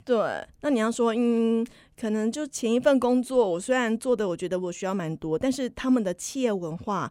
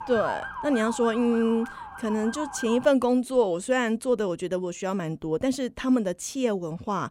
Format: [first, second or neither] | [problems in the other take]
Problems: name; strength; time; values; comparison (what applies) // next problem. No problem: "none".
first | siren; noticeable; until 3 s; peak 7 dB below the speech